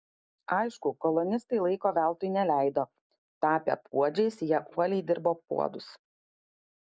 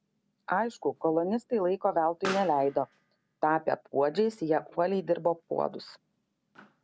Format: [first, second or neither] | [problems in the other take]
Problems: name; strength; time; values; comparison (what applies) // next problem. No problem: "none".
first | background sound (Explosion); 18 dB below the speech